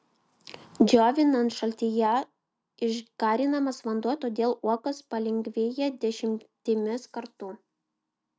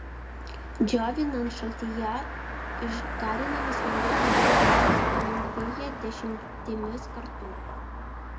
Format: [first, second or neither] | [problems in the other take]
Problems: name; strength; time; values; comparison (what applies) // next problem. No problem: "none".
first | background sound (Car passing by); 5 dB above the speech // room echo; dies away in 1.2 s